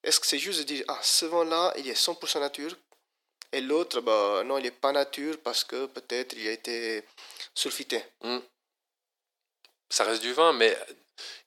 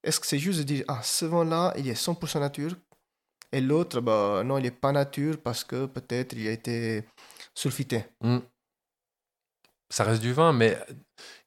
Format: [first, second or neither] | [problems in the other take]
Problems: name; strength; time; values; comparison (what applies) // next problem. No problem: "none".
second | thin; somewhat; fading below 300 Hz